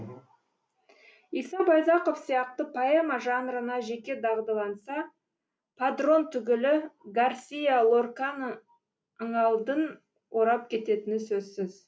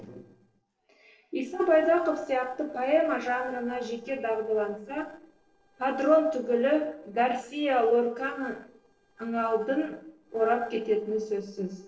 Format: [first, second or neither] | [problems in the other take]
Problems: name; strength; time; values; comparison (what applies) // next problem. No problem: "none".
first | noise reduction (neural separator model SepFormer DNS4)